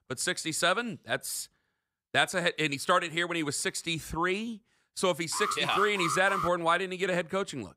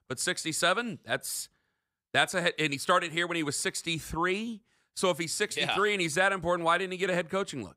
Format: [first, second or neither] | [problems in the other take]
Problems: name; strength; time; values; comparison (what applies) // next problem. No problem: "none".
second | alarm; noticeable; from 5.5 to 6.5 s; peak 3 dB below the speech